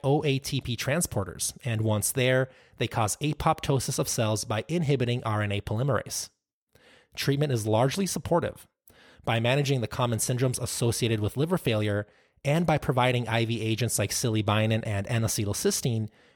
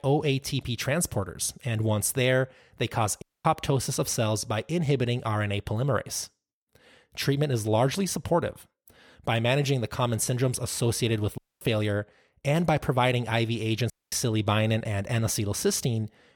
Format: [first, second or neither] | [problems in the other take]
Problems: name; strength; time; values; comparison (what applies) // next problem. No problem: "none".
first | audio cutting out; at 3 s, at 11 s and at 14 s